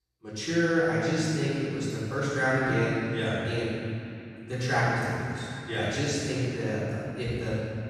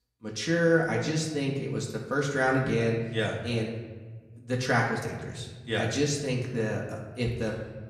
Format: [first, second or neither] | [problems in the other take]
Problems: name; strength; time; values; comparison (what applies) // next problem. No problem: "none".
second | room echo; strong; dies away in 2.9 s; slight in the second // off-mic speech; far; somewhat distant in the second